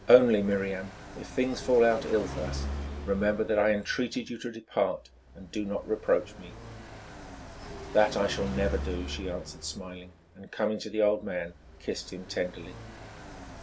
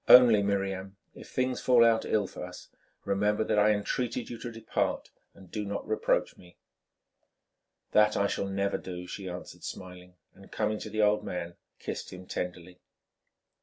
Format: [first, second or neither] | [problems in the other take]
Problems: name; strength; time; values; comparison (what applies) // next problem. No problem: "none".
second | background sound (Car passing by); 11 dB below the speech